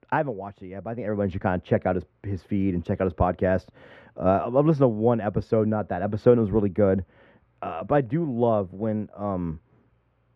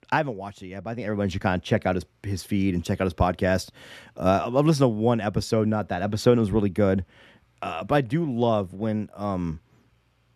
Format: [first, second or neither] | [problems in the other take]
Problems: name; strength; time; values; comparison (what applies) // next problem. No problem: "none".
second | muffled; very; fading above 3.5 kHz